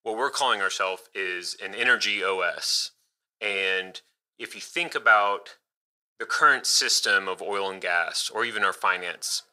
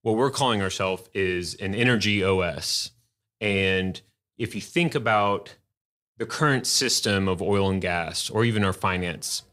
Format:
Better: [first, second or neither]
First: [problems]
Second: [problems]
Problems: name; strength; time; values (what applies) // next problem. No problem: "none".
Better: second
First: thin; very; fading below 650 Hz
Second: none